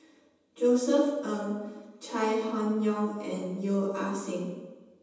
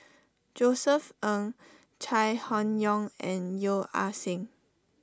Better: second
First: room echo; dies away in 1.1 s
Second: none

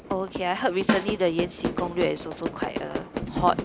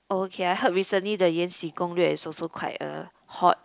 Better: second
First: background sound (Fire / Fireworks + Snare drum); 3 dB below the speech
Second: none

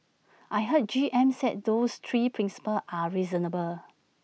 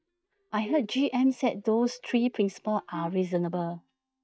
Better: first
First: none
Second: noise reduction (neural mask model DeepFilterNet 3)

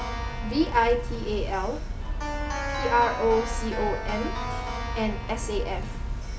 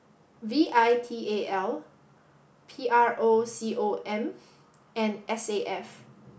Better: second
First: background sound (Keyboard (musical)); 2 dB below the speech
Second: none

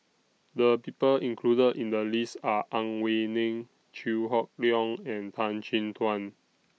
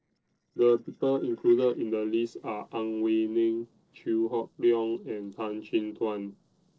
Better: first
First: none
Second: noise reduction (neural separator model SepFormer DNS4)

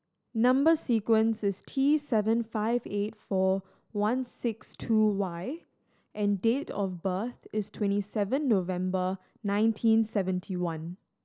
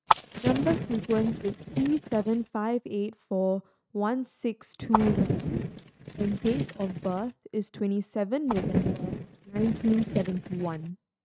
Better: first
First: none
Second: noise reduction (neural mask model RNNoise)

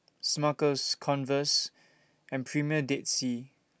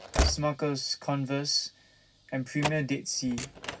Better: first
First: none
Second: background sound (Slam / Train); 4 dB below the speech // room echo; dies away in 0.4 s

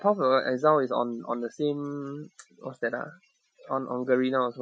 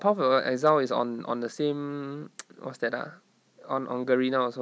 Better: second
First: noise reduction (classical method Wiener filter)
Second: none

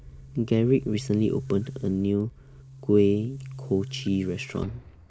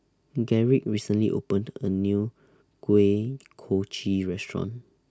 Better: second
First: background sound (Boom); 14 dB below the speech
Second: none

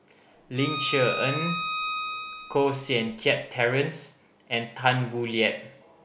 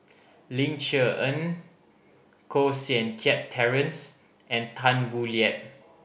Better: second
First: background sound (Bowed string instrument); 5 dB below the speech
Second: none

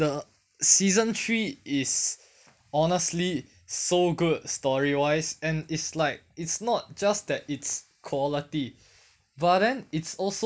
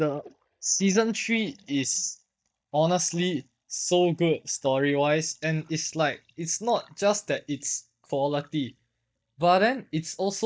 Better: first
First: none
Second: noise reduction (neural mask model DeepFilterNet 3)

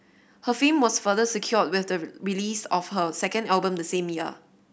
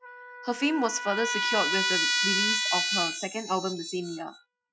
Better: first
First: none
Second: noise reduction (classical method Wiener filter)

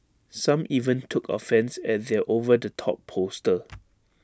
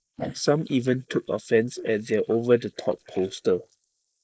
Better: first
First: none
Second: noise reduction (neural mask model Resemble Enhance denoiser)

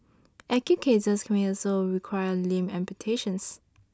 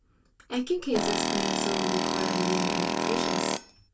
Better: first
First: none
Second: background sound (Tools); 5 dB above the speech // room echo; dies away in 0.1 s

